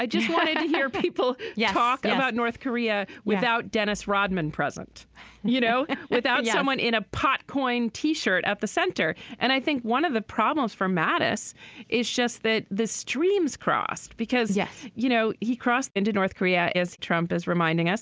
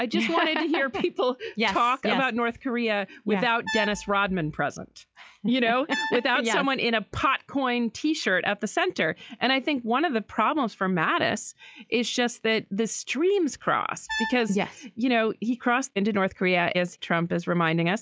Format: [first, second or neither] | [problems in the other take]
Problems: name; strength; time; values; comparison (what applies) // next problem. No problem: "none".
first | noise reduction (classical method log-MMSE)